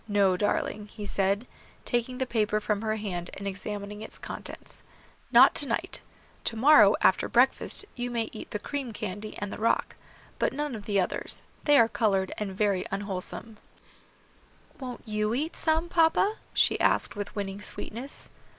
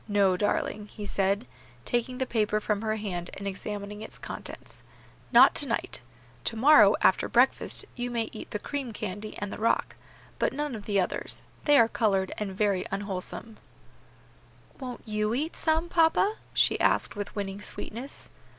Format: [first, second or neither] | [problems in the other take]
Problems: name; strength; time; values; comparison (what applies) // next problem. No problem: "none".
second | noise reduction (neural mask model Resemble Enhance denoiser)